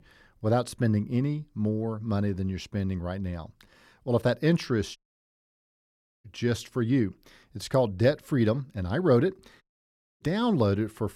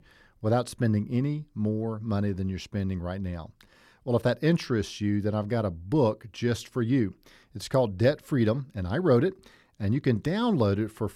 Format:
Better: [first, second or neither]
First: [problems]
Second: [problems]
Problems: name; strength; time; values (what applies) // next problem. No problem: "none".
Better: second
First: audio cutting out; at 5 s for 1.5 s and at 9.5 s for 0.5 s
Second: none